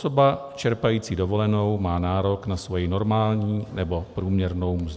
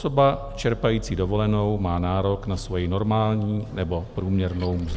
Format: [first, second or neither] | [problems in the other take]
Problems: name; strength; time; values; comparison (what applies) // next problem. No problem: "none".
first | background sound (Vehicle); 13 dB below the speech